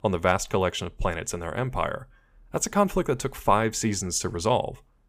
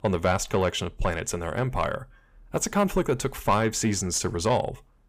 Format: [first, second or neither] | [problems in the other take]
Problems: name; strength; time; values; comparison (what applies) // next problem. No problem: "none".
first | distortion; slight; 10 dB below the speech